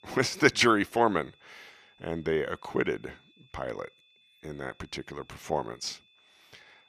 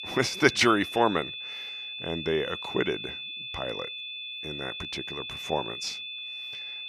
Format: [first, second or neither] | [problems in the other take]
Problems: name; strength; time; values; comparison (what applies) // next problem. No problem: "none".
first | high-pitched whine; loud; throughout; 3.5 kHz, 7 dB below the speech; faint in the first